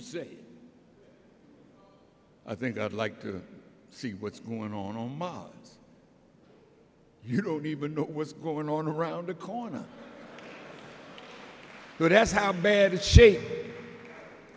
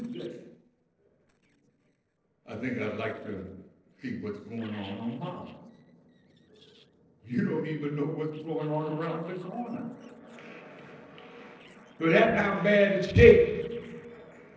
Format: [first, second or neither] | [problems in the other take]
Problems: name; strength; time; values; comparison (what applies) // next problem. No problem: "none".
first | noise reduction (neural separator model SepFormer DNS4)